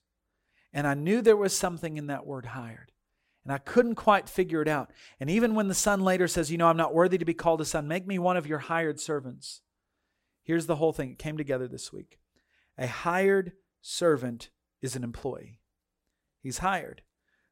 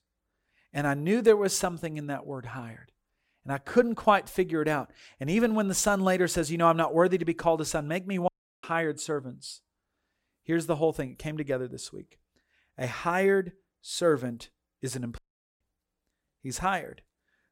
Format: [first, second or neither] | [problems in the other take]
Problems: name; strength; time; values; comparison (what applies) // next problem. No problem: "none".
first | audio cutting out; at 8.5 s and at 15 s